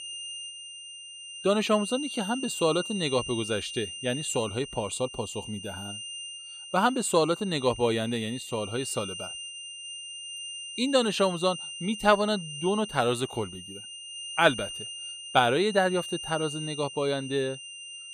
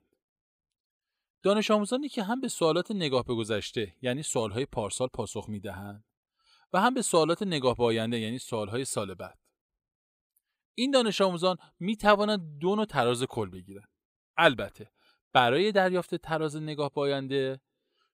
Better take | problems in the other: second | high-pitched whine; loud; throughout; 3 kHz, 9 dB below the speech

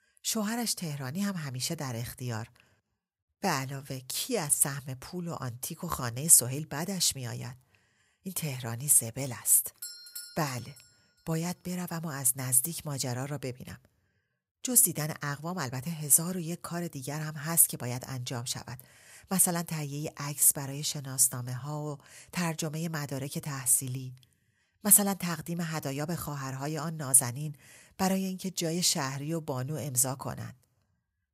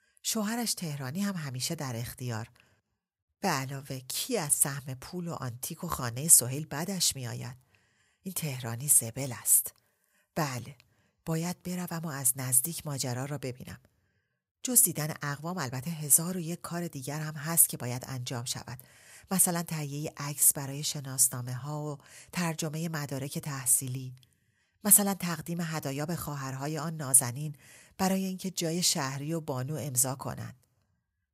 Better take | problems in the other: second | doorbell; faint; at 10 s; peak 10 dB below the speech

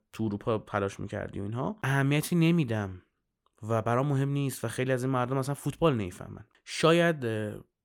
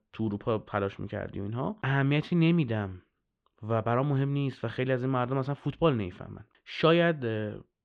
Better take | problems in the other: first | muffled; slightly; fading above 3.5 kHz

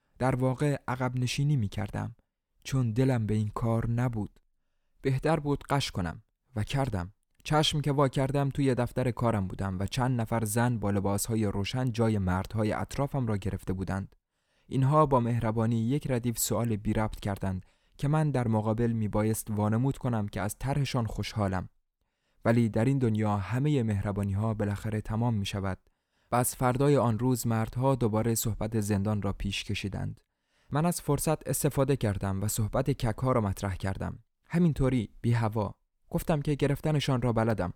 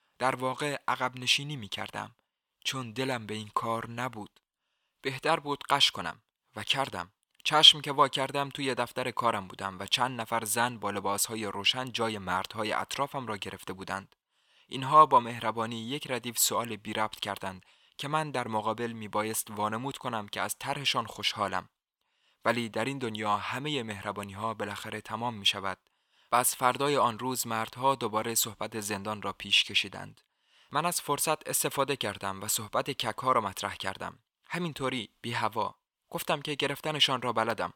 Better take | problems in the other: first | thin; somewhat; fading below 900 Hz

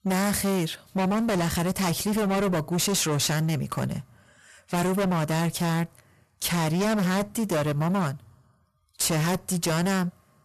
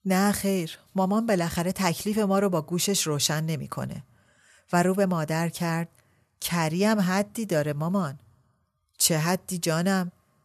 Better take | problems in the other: second | distortion; heavy; 30% of the sound clipped

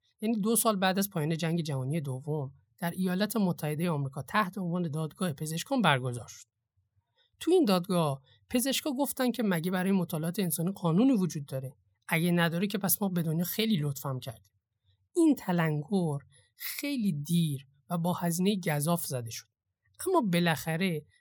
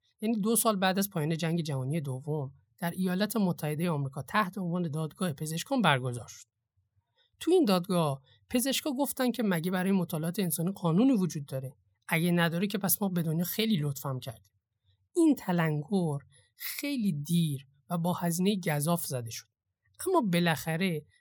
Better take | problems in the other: neither | none

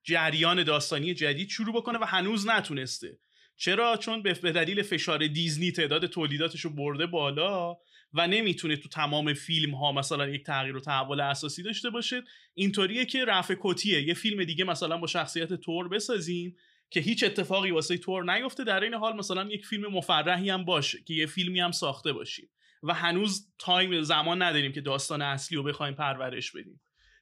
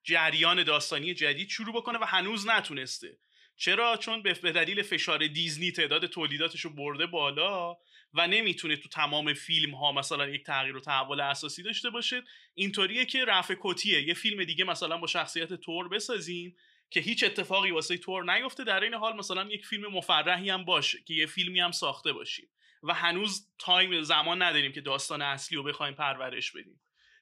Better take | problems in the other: first | thin; very slightly; fading below 600 Hz

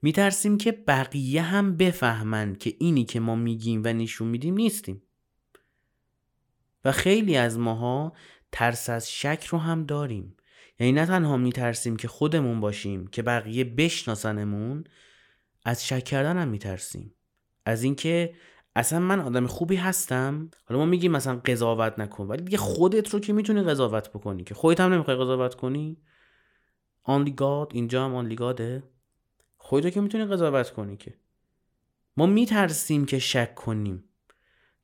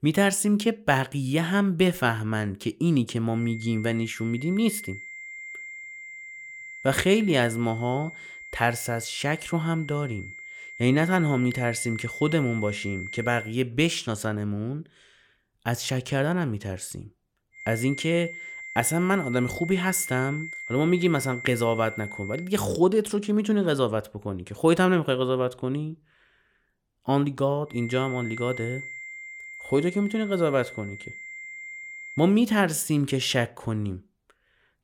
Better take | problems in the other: first | high-pitched whine; noticeable; from 3.5 to 13 s, from 18 to 22 s and from 28 to 32 s; 2 kHz, 10 dB below the speech

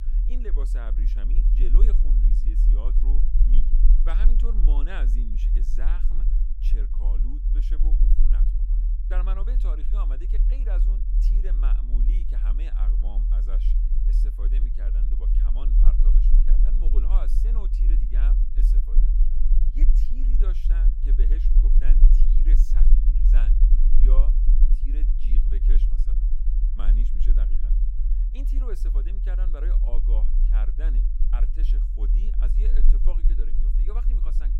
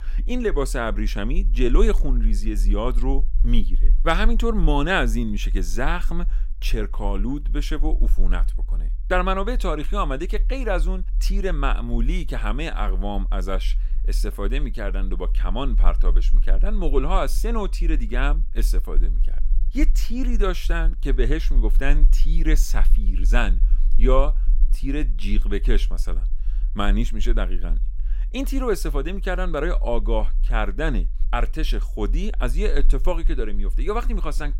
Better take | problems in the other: second | low rumble; loud; throughout; 3 dB below the speech; faint in the second

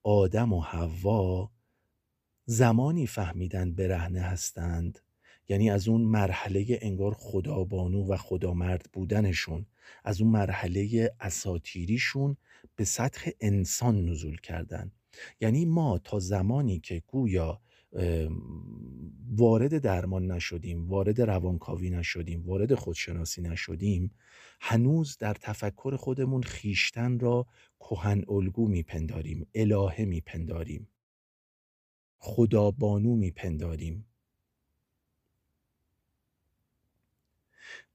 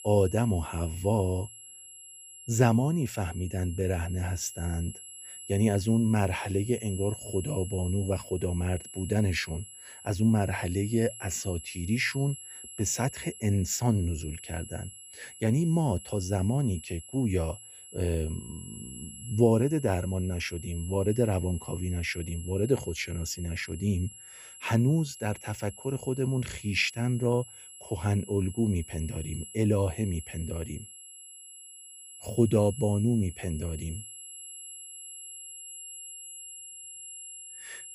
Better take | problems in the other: first | high-pitched whine; noticeable; throughout; 11 kHz, 15 dB below the speech

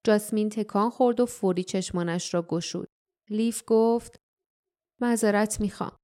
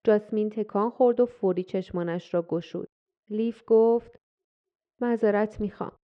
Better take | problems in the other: first | muffled; very; fading above 3 kHz

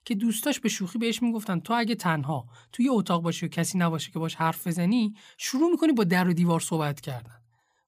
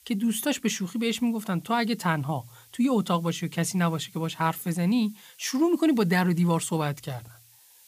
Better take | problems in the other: first | hiss; faint; throughout; 25 dB below the speech

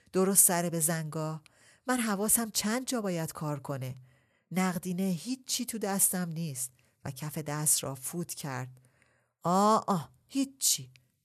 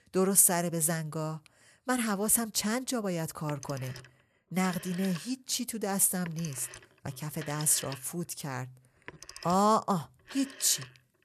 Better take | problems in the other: first | phone ringing; faint; from 3.5 s on; peak 15 dB below the speech

